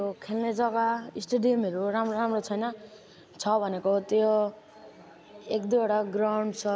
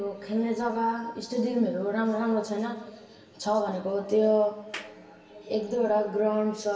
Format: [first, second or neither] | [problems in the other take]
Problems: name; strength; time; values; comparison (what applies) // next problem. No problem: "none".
first | background sound (Clapping); 18 dB below the speech // room echo; dies away in 1 s